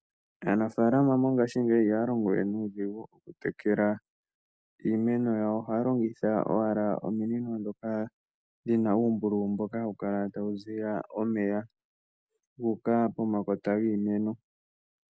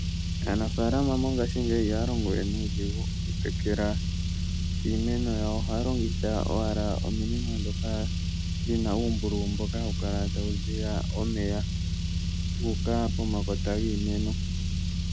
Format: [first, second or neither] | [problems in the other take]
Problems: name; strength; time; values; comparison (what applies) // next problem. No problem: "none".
first | background sound (Car); 3 dB above the speech